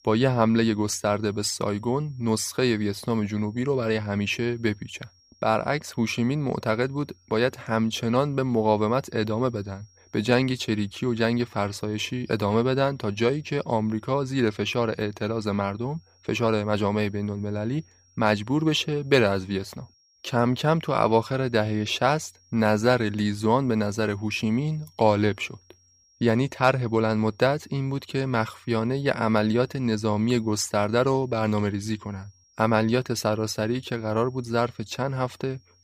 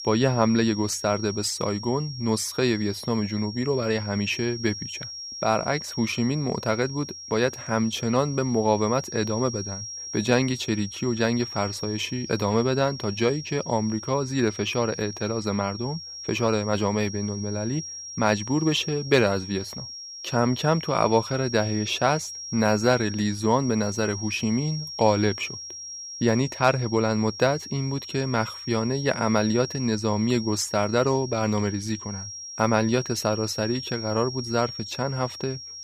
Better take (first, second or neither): first